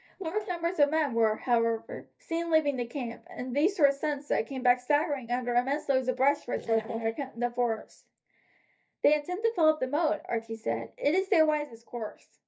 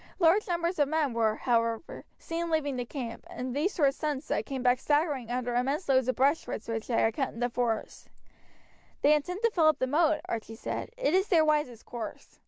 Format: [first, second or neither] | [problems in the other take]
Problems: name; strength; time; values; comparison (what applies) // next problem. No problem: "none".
second | noise reduction (neural mask model DeepFilterNet 3)